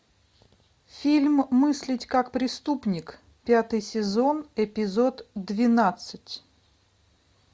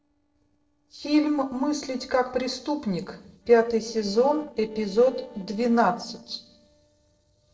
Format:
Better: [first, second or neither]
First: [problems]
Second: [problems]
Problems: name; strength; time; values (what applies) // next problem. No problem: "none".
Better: first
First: none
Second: noise reduction (neural separator model SepFormer DNS4)